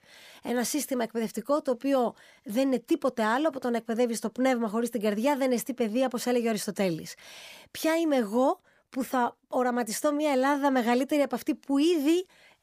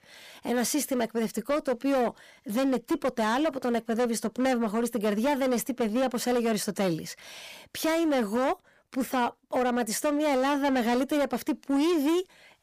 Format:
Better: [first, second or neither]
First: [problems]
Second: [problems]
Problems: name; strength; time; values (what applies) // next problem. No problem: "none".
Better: first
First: none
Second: distortion; slight; 16% of the sound clipped